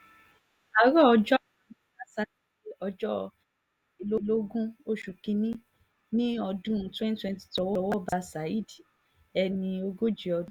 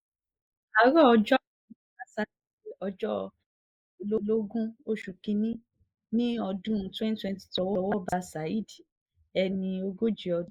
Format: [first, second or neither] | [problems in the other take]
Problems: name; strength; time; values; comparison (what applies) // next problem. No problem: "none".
first | noise reduction (neural mask model Resemble Enhance denoiser)